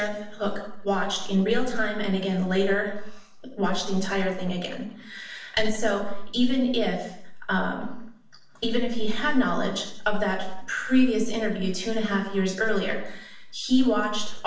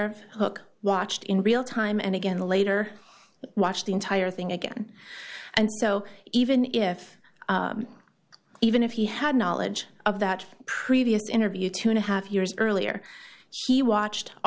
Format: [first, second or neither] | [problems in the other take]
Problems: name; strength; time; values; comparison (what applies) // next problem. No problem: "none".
second | room echo; dies away in 0.7 s